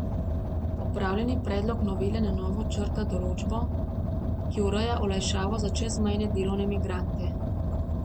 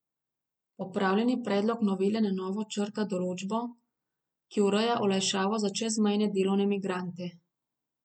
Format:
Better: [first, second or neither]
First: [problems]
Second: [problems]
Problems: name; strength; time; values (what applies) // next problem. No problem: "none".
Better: second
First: background sound (Car); 3 dB above the speech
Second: none